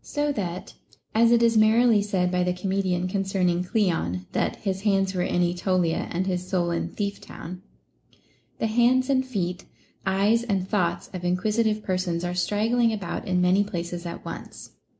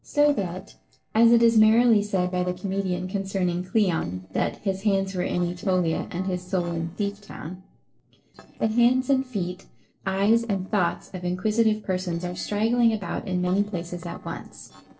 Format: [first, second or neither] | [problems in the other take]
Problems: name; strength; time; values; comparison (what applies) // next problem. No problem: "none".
first | noise reduction (neural separator model SepFormer DNS4)